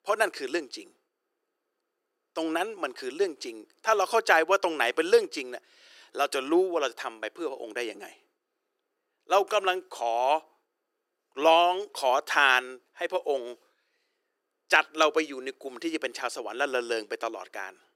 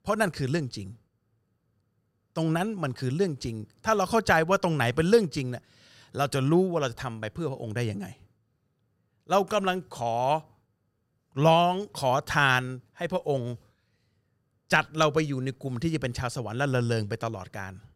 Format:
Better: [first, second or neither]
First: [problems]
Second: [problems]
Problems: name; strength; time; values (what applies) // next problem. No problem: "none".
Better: second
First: thin; very; fading below 350 Hz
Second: none